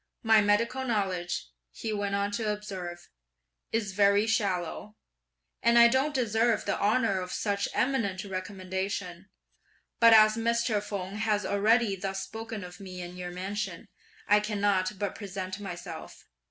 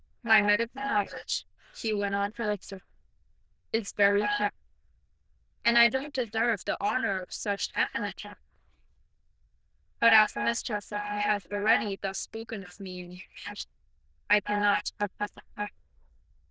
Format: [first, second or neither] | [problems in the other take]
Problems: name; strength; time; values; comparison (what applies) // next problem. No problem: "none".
first | noise reduction (neural diffusion model UNIVERSE++)